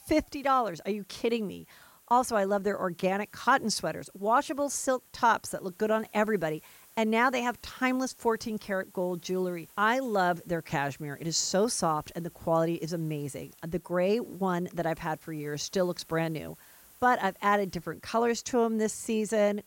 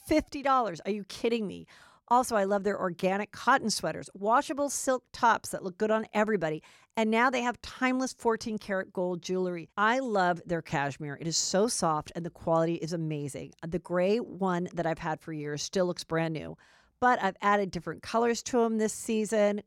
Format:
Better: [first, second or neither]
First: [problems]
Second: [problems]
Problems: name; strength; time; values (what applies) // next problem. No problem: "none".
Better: second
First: hiss; faint; throughout; 25 dB below the speech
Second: none